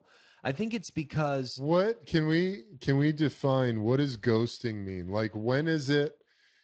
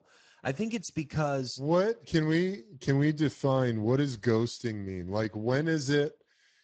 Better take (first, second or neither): first